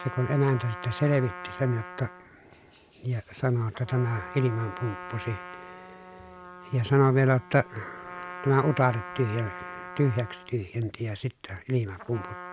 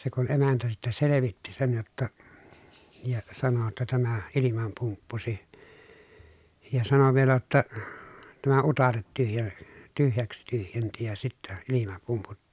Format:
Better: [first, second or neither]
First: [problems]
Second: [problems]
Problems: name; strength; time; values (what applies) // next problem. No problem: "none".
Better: second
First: background sound (Trumpet); 14 dB below the speech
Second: none